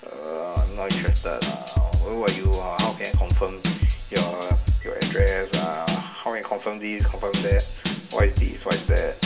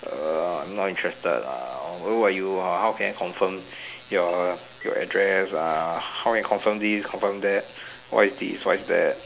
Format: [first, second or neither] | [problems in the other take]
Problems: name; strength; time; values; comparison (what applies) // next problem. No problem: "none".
second | background sound (Drum / Drum kit); 5 dB above the speech // room echo; dies away in 1.4 s